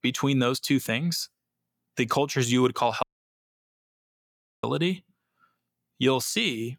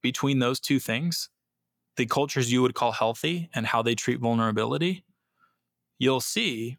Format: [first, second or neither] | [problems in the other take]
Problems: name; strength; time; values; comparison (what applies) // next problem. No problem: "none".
second | audio cutting out; at 3 s for 1.5 s